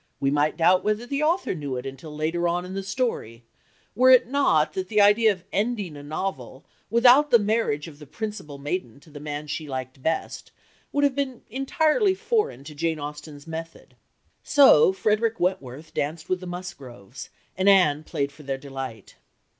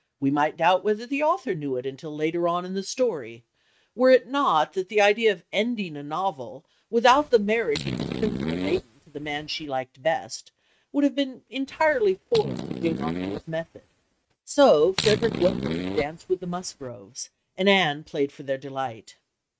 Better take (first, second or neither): first